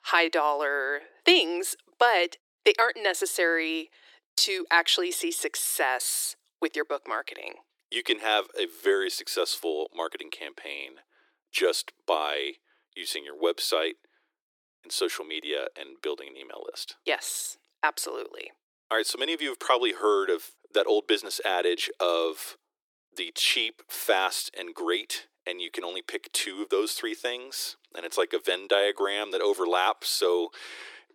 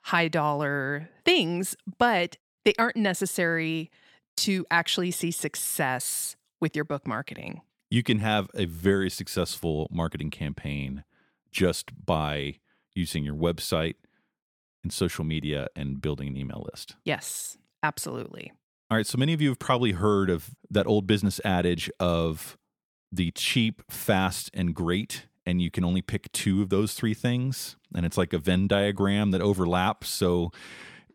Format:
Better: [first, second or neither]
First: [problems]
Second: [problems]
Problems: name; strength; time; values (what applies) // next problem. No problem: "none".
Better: second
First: thin; very; fading below 350 Hz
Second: none